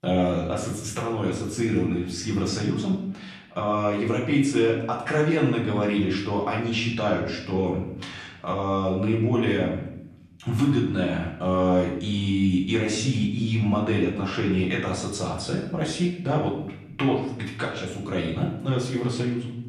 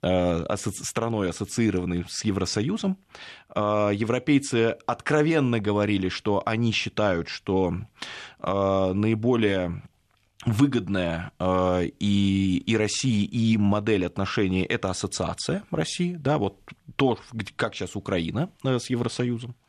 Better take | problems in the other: second | room echo; noticeable; dies away in 0.8 s // off-mic speech; far

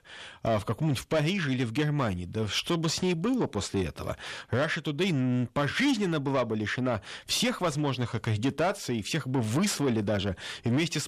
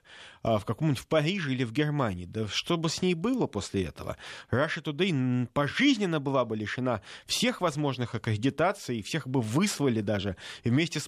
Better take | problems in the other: second | distortion; slight; 10 dB below the speech

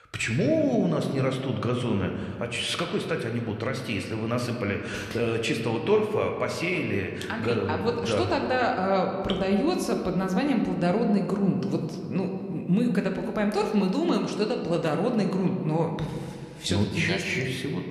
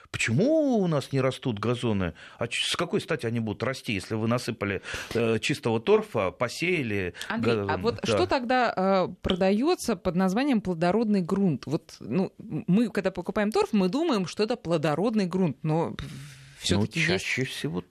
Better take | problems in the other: second | room echo; slight; dies away in 1.7 s

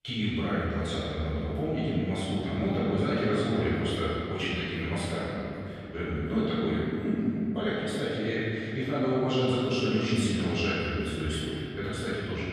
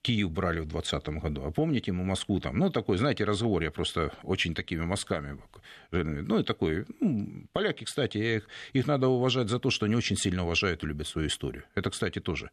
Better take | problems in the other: second | room echo; strong; dies away in 2.6 s // off-mic speech; far

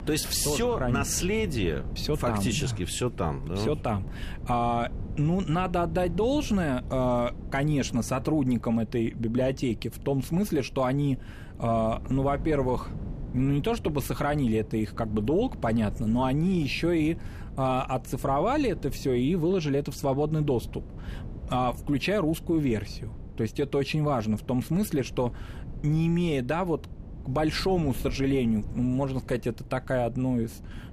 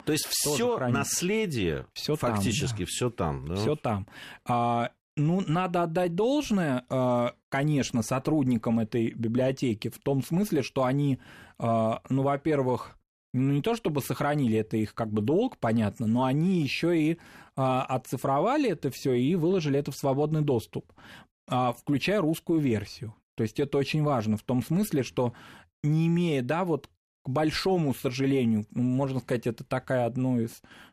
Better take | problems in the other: second | wind noise on the microphone; occasional gusts; 20 dB below the speech

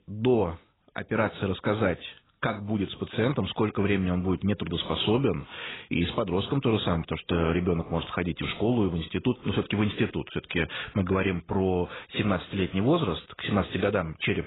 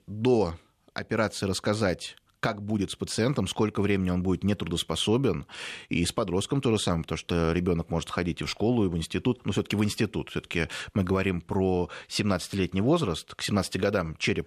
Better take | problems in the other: second | garbled, watery; badly; nothing above 4 kHz

